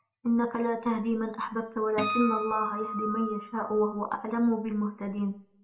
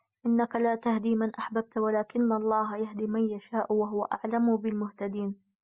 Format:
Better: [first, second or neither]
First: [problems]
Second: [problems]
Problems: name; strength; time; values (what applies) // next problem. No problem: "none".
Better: second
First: background sound (Acoustic guitar); 5 dB below the speech // room echo; dies away in 0.4 s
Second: none